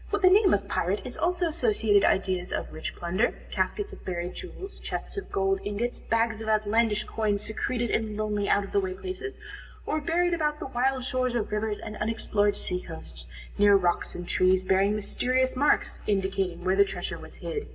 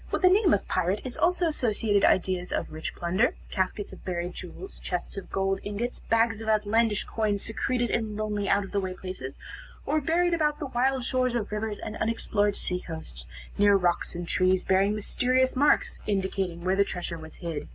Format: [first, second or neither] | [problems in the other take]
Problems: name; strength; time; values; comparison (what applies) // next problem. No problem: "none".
second | room echo; dies away in 0.5 s